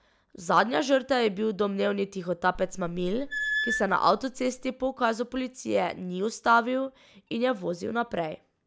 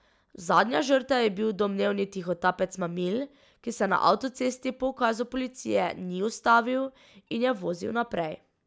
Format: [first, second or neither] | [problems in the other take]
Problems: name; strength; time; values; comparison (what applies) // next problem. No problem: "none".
second | background sound (Squeak / Screech); 6 dB below the speech